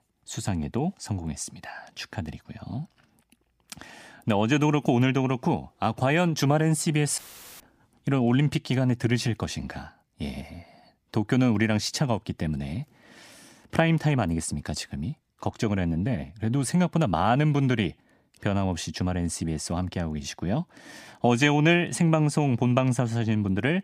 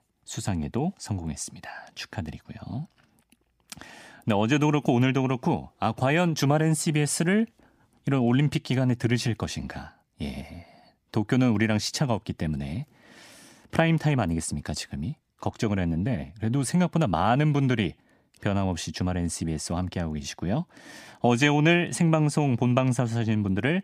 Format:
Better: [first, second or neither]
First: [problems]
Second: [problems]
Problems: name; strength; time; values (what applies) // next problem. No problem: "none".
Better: second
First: audio cutting out; filled with static; at 7 s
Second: none